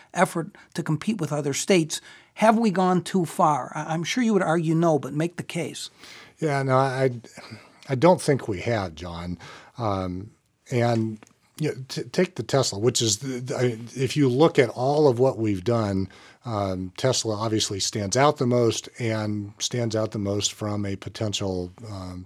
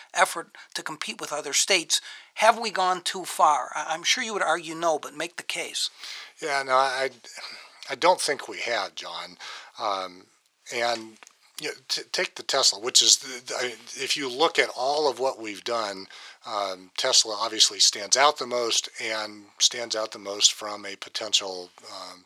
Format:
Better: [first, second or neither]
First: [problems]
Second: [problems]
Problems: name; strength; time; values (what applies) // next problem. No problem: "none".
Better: first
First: none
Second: thin; very; fading below 750 Hz